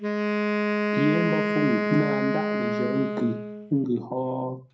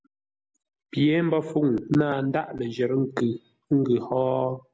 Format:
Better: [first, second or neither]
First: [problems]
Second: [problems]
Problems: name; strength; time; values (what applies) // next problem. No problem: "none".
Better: second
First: background sound (Wind instrument, woodwind instrument); 1 dB above the speech // room echo; dies away in 0.3 s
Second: none